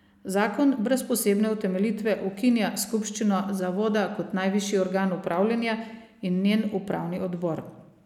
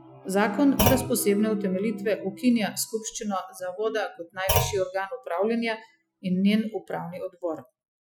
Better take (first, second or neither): first